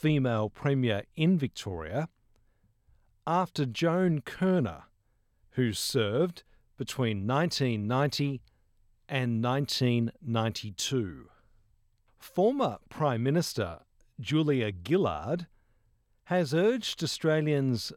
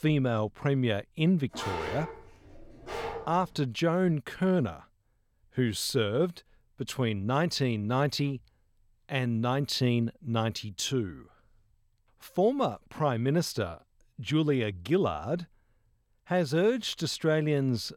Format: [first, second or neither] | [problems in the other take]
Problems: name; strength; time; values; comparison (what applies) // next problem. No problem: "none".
first | dog barking; noticeable; from 1.5 to 3.5 s; peak 6 dB below the speech